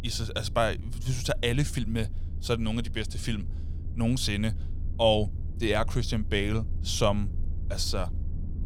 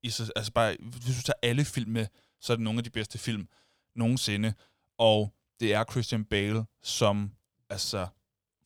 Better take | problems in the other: second | low rumble; faint; throughout; 20 dB below the speech

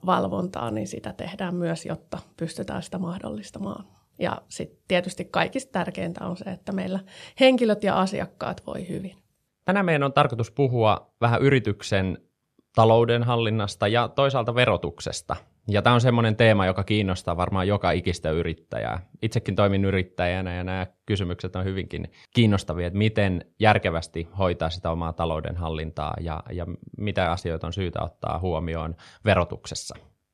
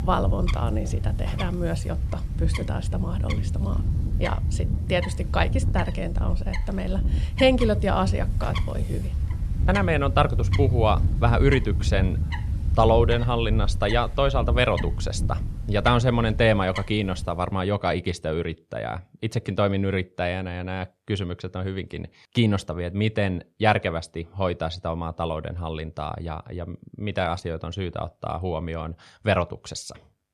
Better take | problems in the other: first | animal sounds; loud; until 17 s; 1 dB below the speech

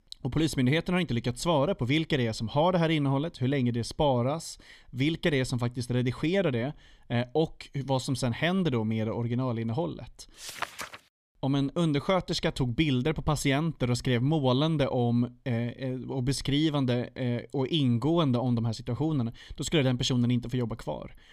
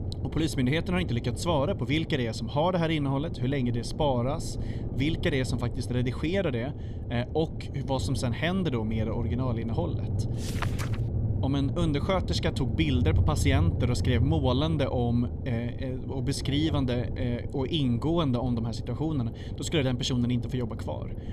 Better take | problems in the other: first | low rumble; noticeable; throughout; 10 dB below the speech

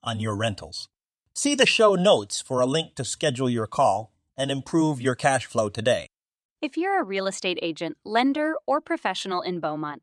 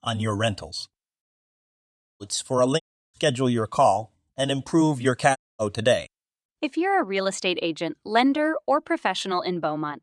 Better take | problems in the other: first | audio cutting out; at 1 s for 1 s, at 3 s and at 5.5 s

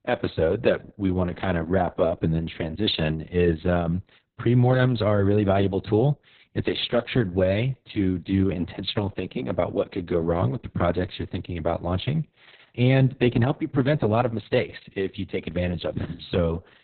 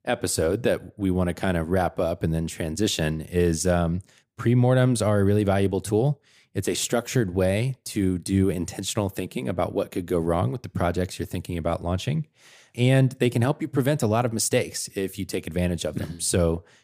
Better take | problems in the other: second | garbled, watery; badly; nothing above 4 kHz

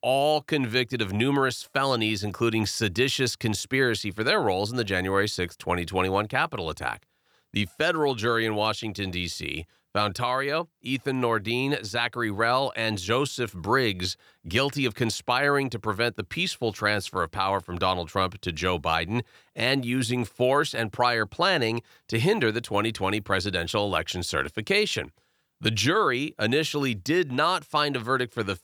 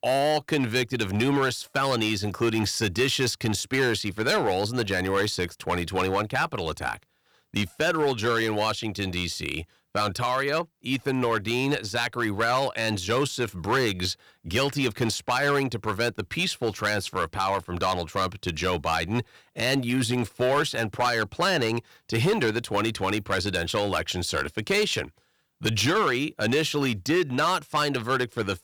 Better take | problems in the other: first | distortion; slight; 6% of the sound clipped

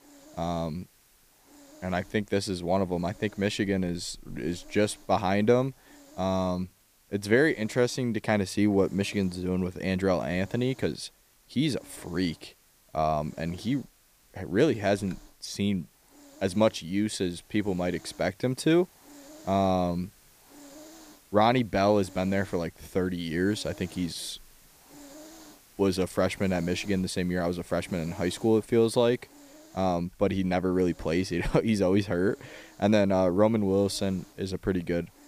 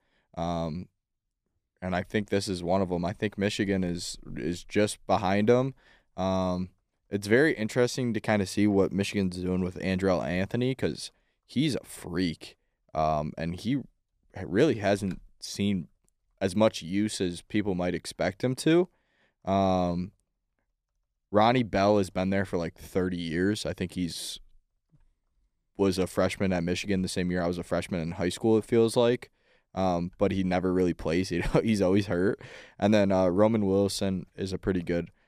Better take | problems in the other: second | hiss; faint; throughout; 25 dB below the speech

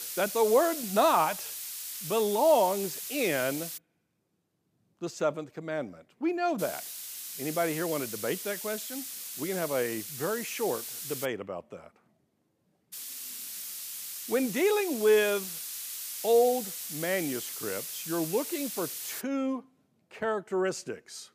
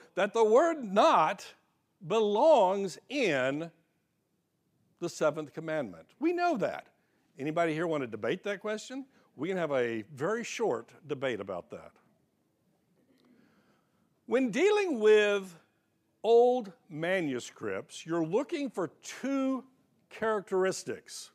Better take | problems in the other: second | hiss; loud; until 4 s, from 6.5 to 11 s and from 13 to 19 s; 7 dB below the speech

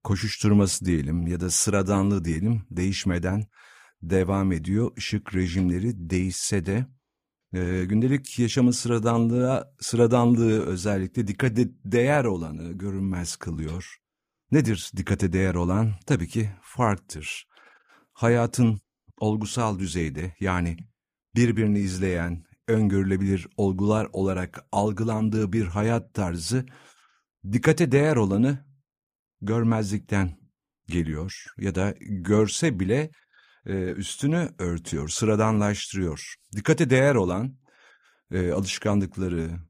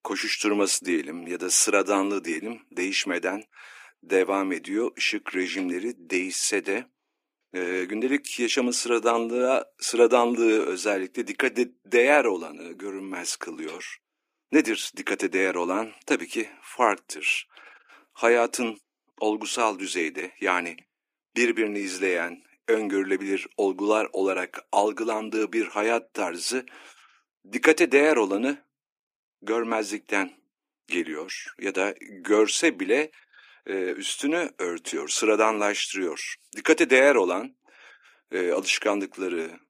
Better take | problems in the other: first | thin; somewhat; fading below 300 Hz

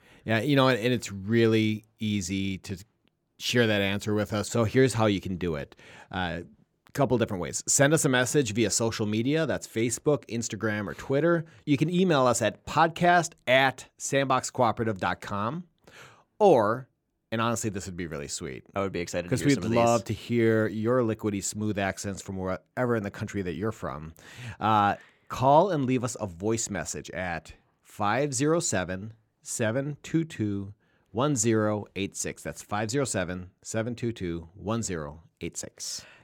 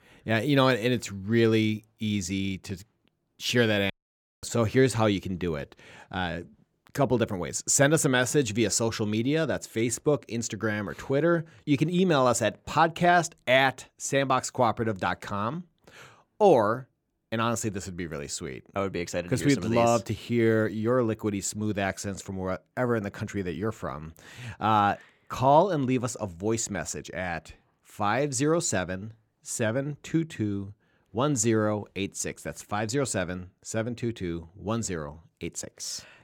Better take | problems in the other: first | audio cutting out; at 4 s for 0.5 s

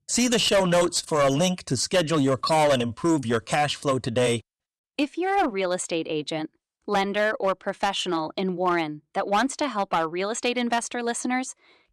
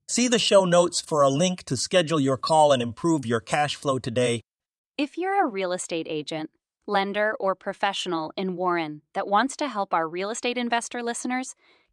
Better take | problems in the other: second | distortion; slight; 7% of the sound clipped

